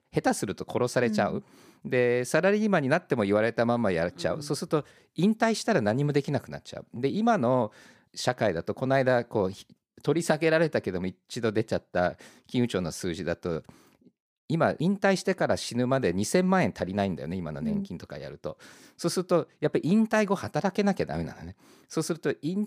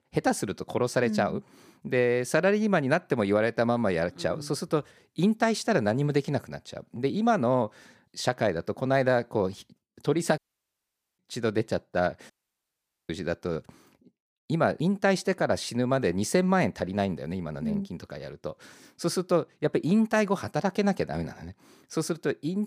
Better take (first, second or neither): first